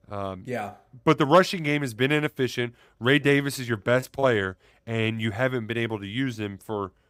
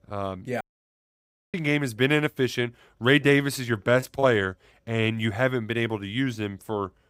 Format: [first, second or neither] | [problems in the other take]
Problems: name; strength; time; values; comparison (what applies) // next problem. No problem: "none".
first | audio cutting out; at 0.5 s for 1 s